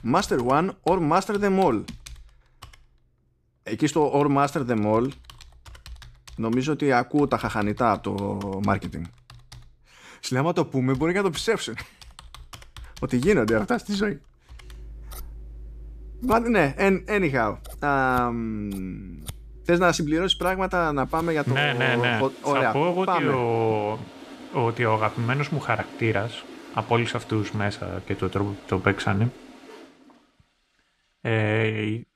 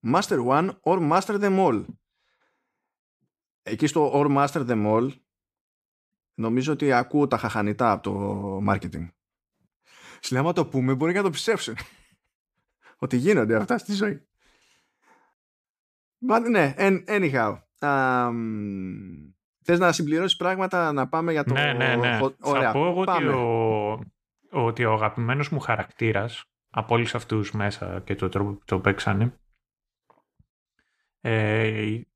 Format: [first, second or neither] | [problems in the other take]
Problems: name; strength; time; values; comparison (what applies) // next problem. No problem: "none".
second | household noises; noticeable; throughout; 20 dB below the speech